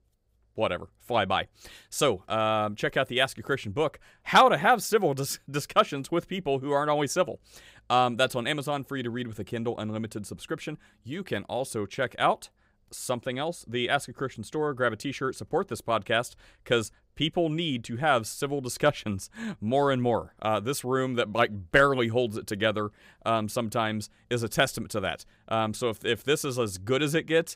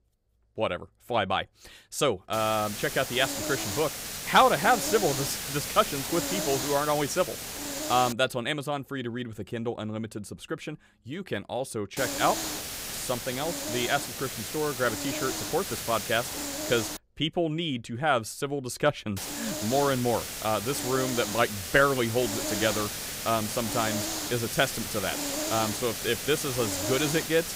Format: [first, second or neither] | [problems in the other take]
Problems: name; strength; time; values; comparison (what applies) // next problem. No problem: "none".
first | hiss; loud; from 2.5 to 8 s, from 12 to 17 s and from 19 s on; 4 dB below the speech